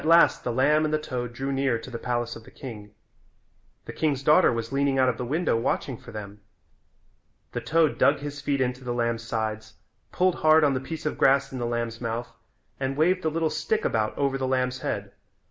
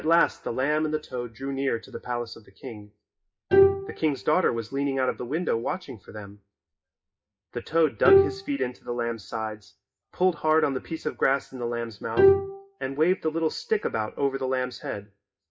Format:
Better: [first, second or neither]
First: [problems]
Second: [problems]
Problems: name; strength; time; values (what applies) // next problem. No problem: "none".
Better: first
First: none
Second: noise reduction (classical method WPE with log-MMSE)